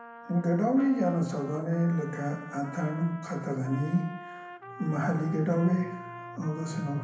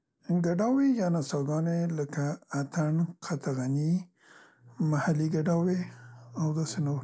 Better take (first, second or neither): second